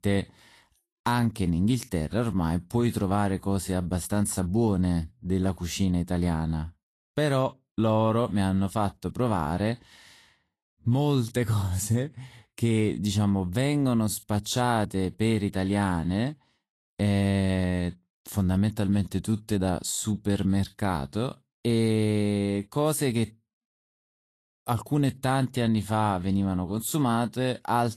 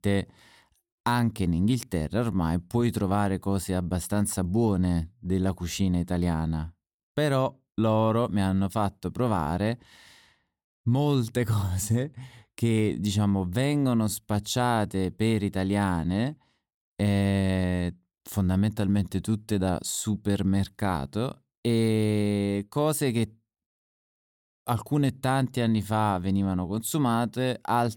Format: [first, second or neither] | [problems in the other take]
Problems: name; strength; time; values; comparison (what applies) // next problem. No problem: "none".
second | garbled, watery; slightly; nothing above 12.5 kHz